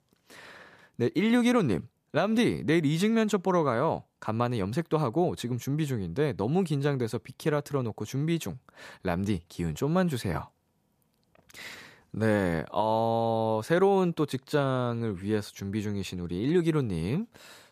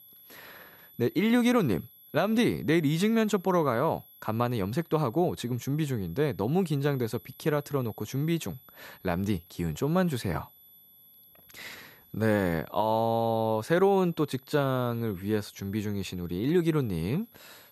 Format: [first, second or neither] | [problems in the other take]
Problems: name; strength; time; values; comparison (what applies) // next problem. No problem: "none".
first | high-pitched whine; faint; throughout; 12 kHz, 25 dB below the speech